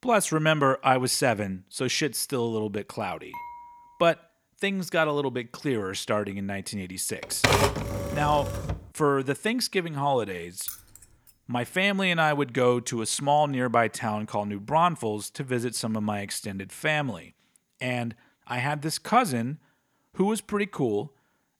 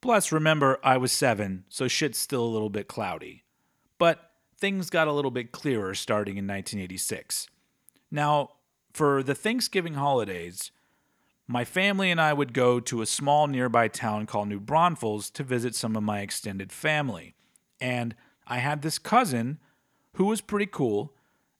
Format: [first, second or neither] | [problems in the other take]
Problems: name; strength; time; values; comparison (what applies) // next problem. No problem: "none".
second | clattering dishes; faint; at 3.5 s; peak 15 dB below the speech // keyboard typing; loud; from 7 to 8.5 s; peak 5 dB above the speech // jangling keys; faint; at 11 s; peak 10 dB below the speech